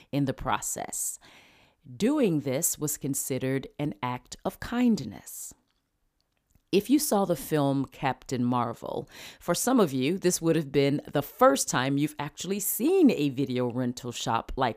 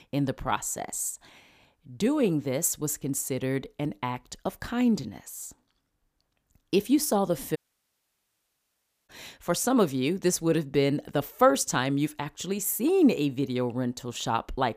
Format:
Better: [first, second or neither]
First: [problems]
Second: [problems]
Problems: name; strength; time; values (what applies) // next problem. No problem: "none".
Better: first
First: none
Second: audio cutting out; at 7.5 s for 1.5 s